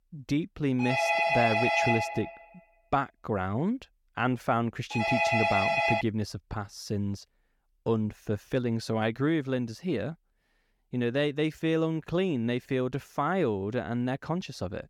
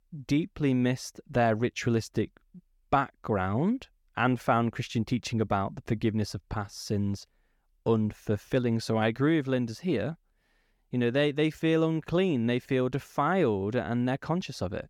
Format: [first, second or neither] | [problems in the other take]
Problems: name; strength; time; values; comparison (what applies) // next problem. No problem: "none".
second | phone ringing; loud; from 1 to 6 s; peak 6 dB above the speech